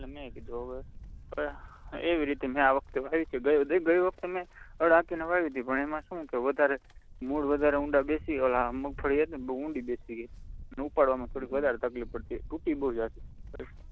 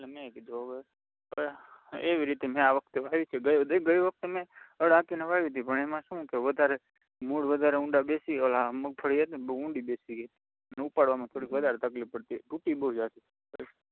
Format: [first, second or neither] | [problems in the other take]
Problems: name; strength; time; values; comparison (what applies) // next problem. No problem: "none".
second | background sound (Livestock, farm animals, working animals); 16 dB below the speech